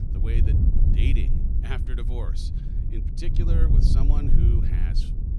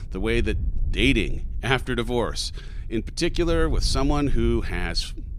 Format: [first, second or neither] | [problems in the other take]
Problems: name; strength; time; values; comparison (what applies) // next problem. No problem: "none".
second | wind noise on the microphone; heavy; as loud as the speech; occasional gusts in the second